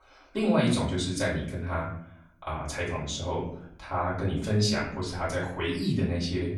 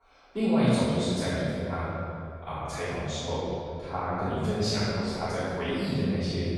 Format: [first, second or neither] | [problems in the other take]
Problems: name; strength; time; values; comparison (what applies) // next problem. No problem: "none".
first | room echo; strong; dies away in 2.3 s; slight in the first // off-mic speech; far; far in the first